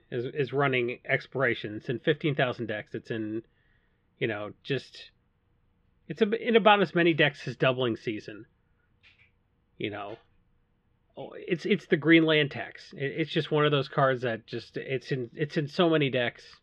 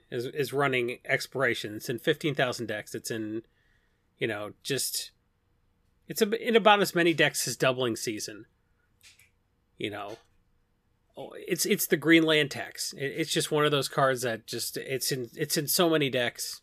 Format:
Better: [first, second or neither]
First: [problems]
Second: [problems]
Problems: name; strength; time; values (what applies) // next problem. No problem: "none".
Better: second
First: muffled; very; fading above 3 kHz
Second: none